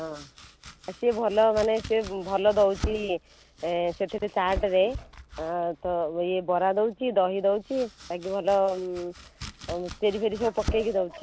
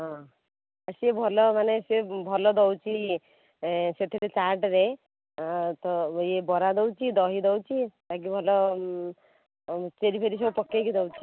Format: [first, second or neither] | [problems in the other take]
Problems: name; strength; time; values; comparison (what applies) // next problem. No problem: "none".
second | background sound (Domestic sounds, home sounds); 14 dB below the speech